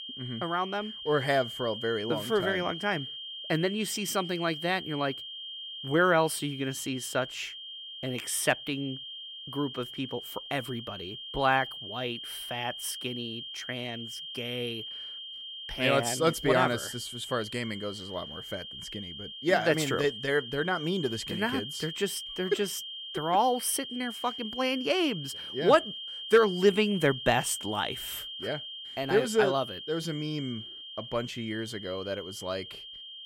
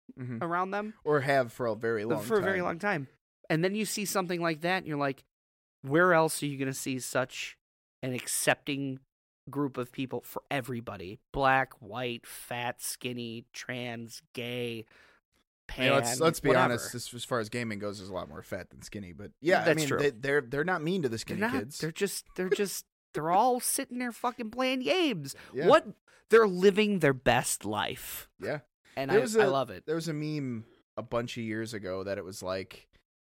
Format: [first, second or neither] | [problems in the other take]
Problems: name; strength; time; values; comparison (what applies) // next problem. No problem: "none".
second | high-pitched whine; loud; throughout; 3 kHz, 9 dB below the speech